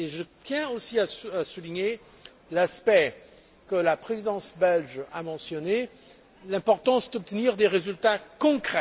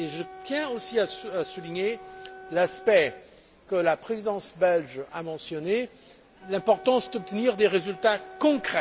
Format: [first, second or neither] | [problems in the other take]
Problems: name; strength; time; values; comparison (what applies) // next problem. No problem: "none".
first | background sound (Wind instrument, woodwind instrument); 19 dB below the speech